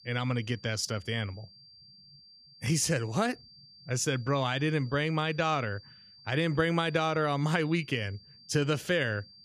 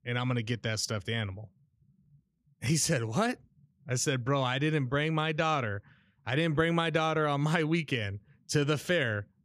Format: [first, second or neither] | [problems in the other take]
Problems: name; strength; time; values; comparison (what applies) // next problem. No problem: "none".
second | high-pitched whine; faint; throughout; 4.5 kHz, 25 dB below the speech